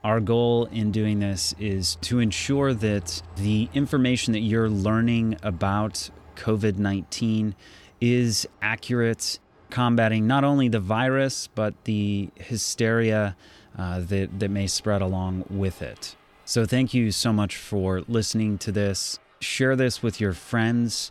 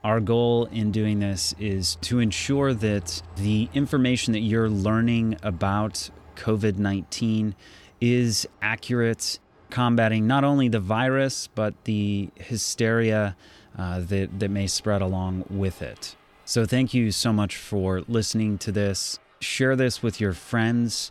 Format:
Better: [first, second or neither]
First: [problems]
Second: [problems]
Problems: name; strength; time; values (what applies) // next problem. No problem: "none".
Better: neither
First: train or aircraft noise; faint; throughout; 25 dB below the speech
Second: train or aircraft noise; faint; throughout; 25 dB below the speech